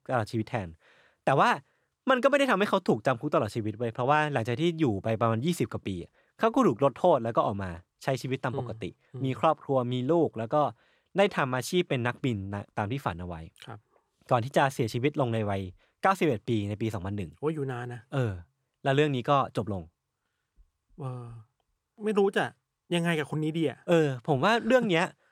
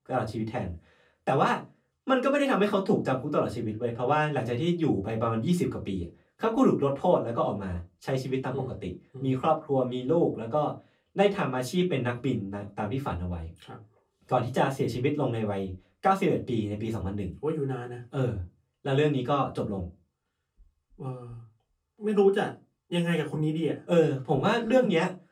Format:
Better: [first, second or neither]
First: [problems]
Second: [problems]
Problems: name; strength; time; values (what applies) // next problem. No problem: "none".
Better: first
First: none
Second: off-mic speech; far // room echo; very slight; dies away in 0.2 s